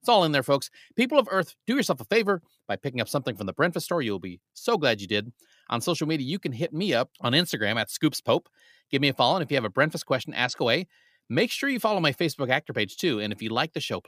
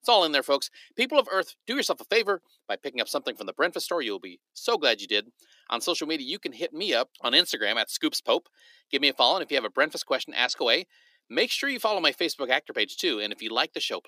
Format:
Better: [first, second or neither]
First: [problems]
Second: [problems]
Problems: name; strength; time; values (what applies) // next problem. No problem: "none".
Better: first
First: none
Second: thin; somewhat; fading below 300 Hz